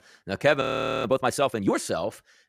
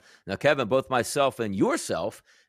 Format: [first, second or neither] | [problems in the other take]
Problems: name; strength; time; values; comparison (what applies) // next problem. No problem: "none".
second | audio freezing; at 0.5 s